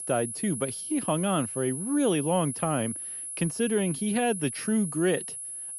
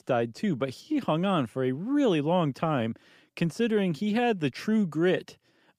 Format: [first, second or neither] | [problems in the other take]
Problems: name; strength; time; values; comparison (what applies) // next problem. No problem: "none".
second | high-pitched whine; loud; throughout; 10.5 kHz, 6 dB below the speech